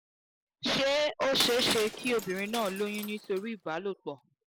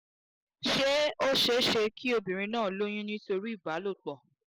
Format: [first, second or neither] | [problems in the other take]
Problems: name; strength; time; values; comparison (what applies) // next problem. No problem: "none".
second | background sound (Shatter); 9 dB below the speech